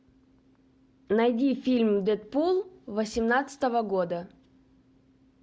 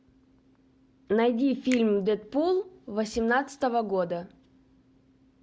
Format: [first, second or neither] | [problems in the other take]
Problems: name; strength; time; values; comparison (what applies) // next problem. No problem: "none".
first | background sound (Finger snapping); 20 dB below the speech